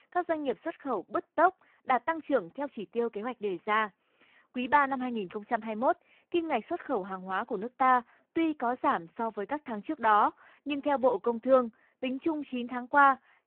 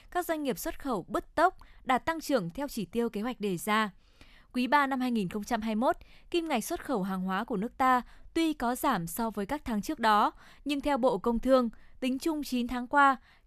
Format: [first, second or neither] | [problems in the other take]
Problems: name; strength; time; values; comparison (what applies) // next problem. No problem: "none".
second | phone-call audio; poor line